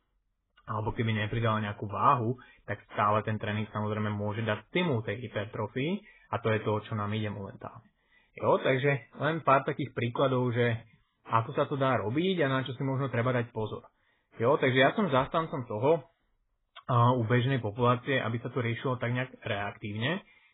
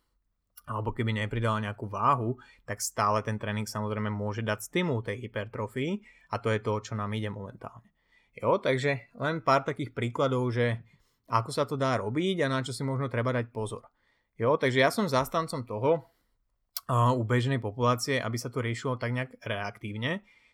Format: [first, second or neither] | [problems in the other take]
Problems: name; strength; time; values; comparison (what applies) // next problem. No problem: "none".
second | garbled, watery; badly; nothing above 3.5 kHz